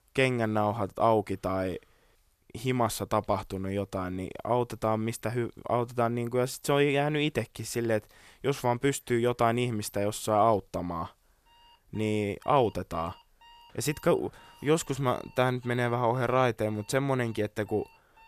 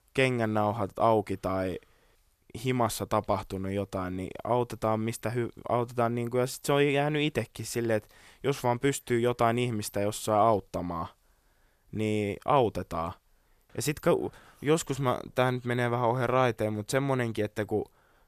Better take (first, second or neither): second